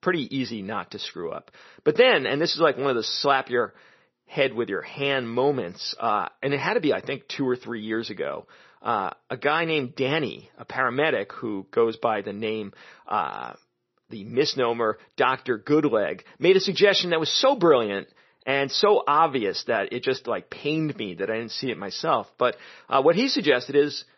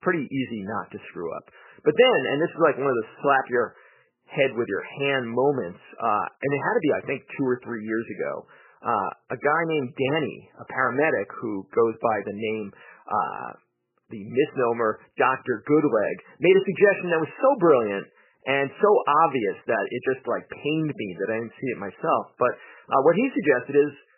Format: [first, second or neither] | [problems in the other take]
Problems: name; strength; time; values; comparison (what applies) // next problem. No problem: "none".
first | garbled, watery; badly; nothing above 3 kHz; slightly in the first